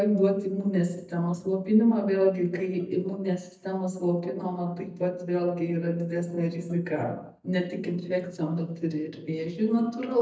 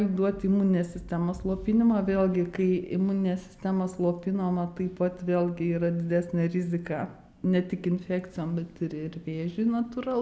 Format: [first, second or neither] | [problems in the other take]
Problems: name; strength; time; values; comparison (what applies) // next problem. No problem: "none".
second | noise reduction (neural mask model DeepFilterNet 3)